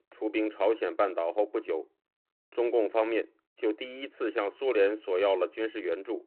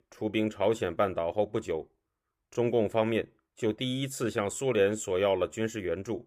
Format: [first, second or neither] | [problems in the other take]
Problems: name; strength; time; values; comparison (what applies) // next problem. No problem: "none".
second | phone-call audio